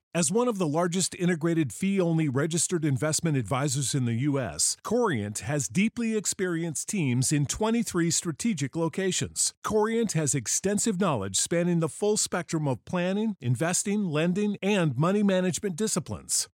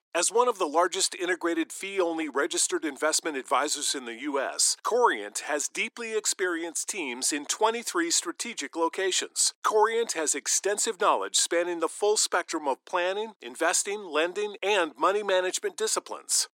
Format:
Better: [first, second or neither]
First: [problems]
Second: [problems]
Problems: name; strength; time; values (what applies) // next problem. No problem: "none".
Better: first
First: none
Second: thin; very; fading below 300 Hz